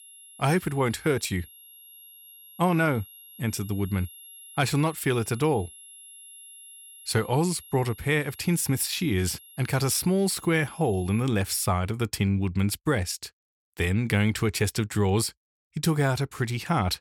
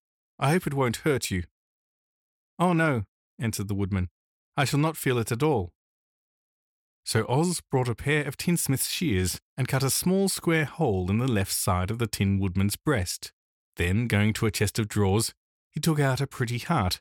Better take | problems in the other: second | high-pitched whine; noticeable; until 11 s; 11.5 kHz, 20 dB below the speech

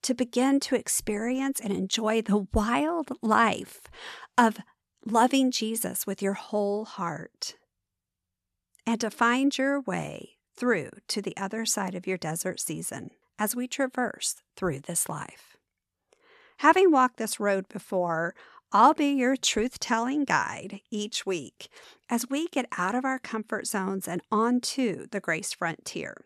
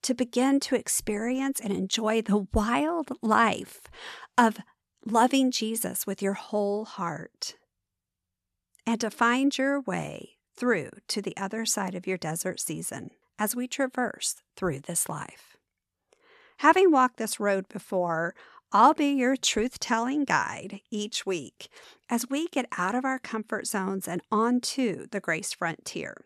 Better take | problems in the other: neither | none

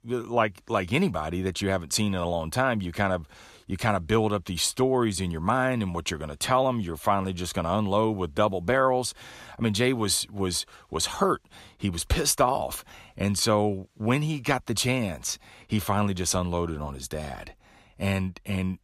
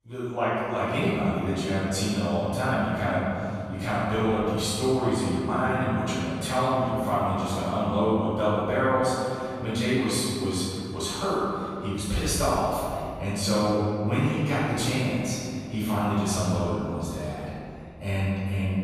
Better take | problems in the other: first | off-mic speech; far // room echo; strong; dies away in 2.5 s

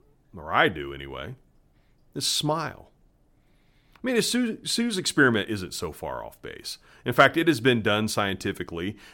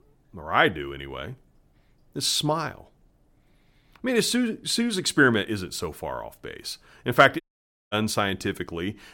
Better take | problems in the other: first | audio cutting out; at 7.5 s for 0.5 s

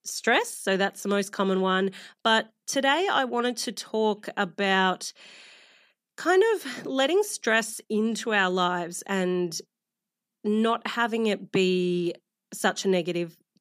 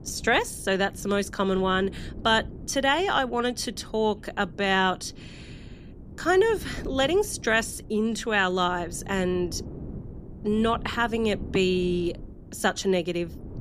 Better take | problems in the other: first | wind noise on the microphone; occasional gusts; 25 dB below the speech

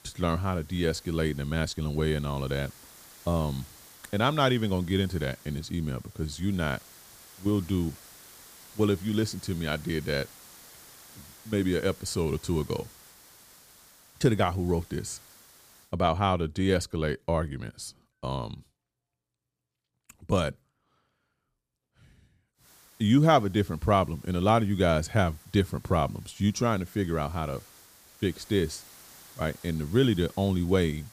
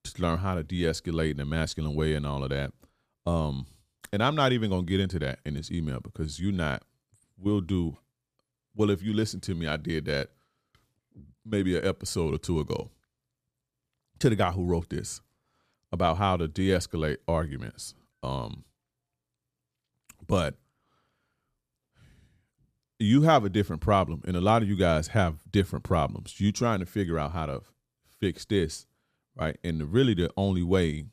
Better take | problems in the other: second | hiss; faint; until 16 s and from 23 s on; 20 dB below the speech

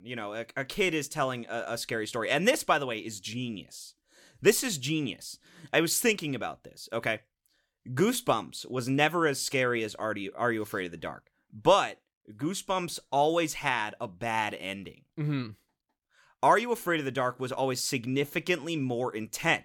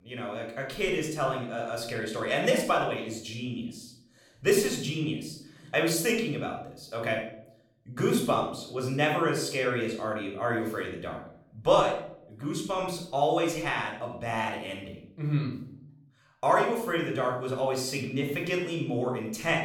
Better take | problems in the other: first | off-mic speech; somewhat distant // room echo; noticeable; dies away in 0.6 s

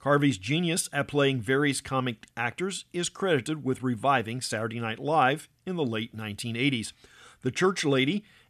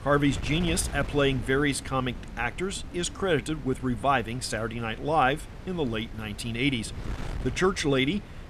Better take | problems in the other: first | wind noise on the microphone; occasional gusts; 15 dB below the speech

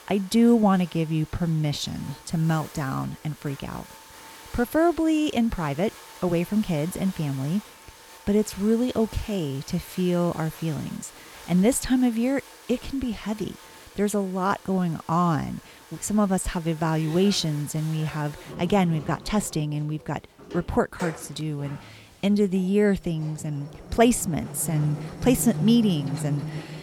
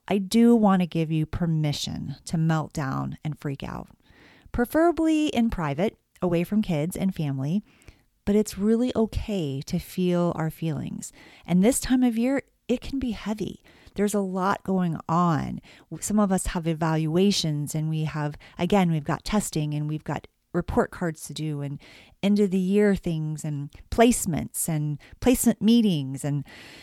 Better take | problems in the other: second | household noises; noticeable; throughout; 15 dB below the speech

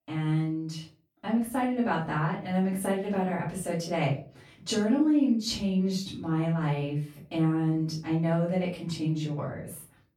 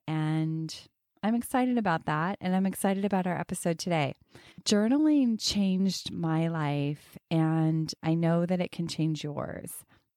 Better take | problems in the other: second | off-mic speech; far // room echo; slight; dies away in 0.3 s

